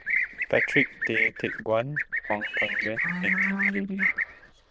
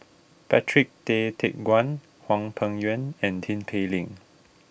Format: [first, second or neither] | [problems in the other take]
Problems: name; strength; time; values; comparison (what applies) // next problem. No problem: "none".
second | noise reduction (neural diffusion model UNIVERSE++)